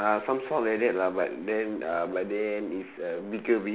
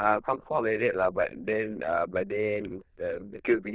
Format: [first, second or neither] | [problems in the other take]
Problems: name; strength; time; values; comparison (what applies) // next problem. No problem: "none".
first | noise reduction (neural diffusion model UNIVERSE++)